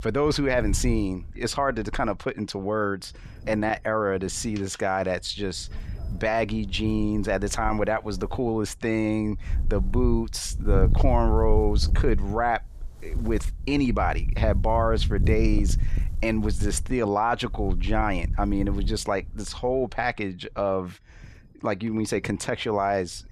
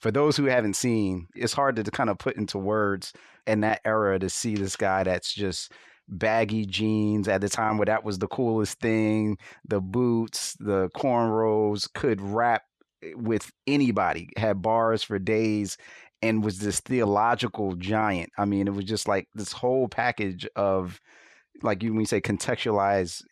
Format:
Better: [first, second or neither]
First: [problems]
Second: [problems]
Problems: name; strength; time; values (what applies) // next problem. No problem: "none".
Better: second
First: wind noise on the microphone; occasional gusts; 20 dB below the speech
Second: none